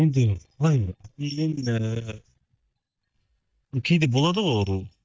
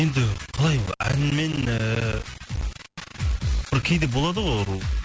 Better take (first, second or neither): second